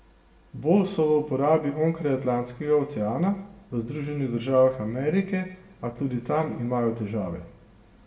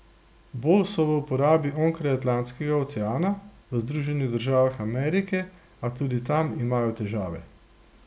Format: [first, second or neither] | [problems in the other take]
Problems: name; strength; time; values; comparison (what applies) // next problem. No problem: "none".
second | room echo; dies away in 0.9 s